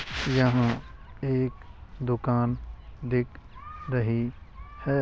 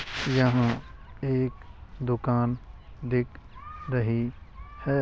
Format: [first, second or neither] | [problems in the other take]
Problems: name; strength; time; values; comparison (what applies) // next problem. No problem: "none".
second | background sound (Bass drum); 20 dB below the speech